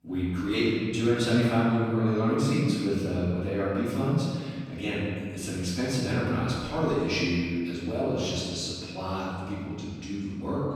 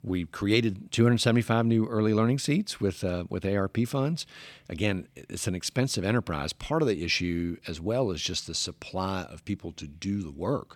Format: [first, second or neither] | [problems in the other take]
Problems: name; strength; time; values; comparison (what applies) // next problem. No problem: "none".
second | off-mic speech; far // room echo; strong; dies away in 1.7 s